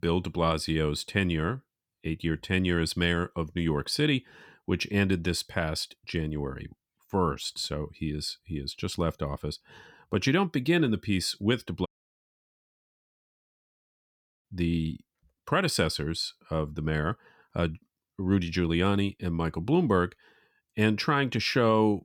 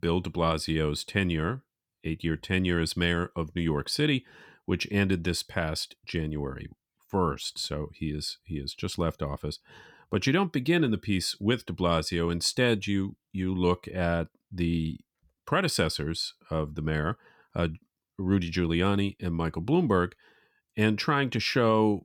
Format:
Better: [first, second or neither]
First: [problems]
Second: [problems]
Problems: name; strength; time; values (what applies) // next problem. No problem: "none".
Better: second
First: audio cutting out; at 12 s for 2.5 s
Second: none